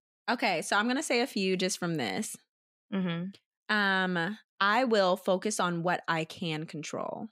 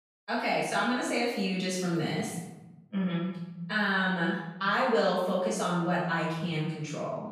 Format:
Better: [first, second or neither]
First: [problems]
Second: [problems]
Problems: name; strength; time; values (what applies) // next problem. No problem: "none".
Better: first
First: none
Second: off-mic speech; far // room echo; noticeable; dies away in 1.1 s